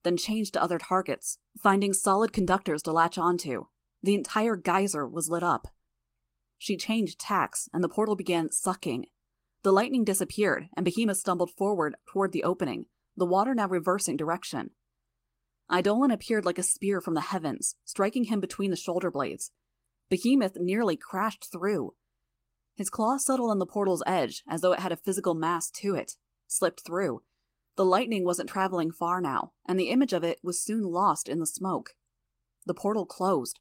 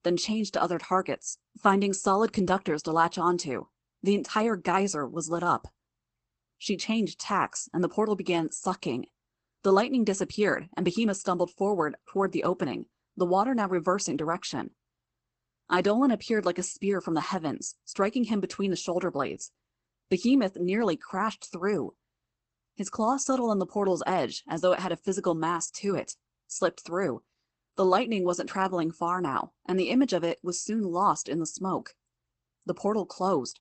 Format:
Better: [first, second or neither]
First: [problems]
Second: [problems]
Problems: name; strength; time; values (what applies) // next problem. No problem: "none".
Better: first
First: garbled, watery; slightly; nothing above 16 kHz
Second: garbled, watery; badly; nothing above 8 kHz